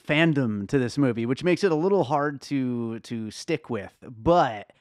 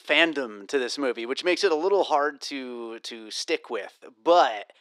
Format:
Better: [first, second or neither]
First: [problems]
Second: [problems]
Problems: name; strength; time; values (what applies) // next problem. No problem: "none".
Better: first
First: none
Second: thin; somewhat; fading below 350 Hz